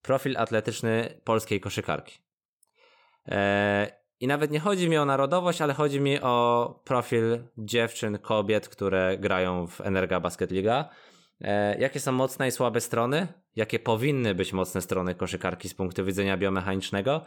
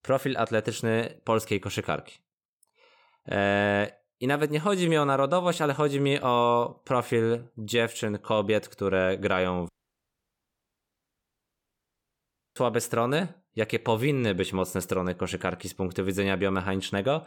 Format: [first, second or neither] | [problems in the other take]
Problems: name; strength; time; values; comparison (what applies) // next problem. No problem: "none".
first | audio cutting out; at 9.5 s for 3 s